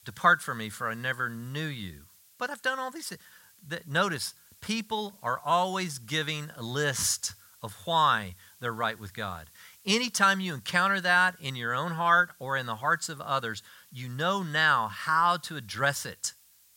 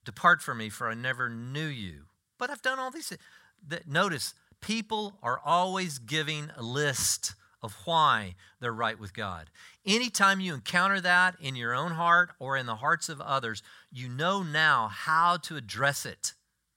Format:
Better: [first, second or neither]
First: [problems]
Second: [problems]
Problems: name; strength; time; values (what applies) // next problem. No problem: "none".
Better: second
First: hiss; faint; throughout; 25 dB below the speech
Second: none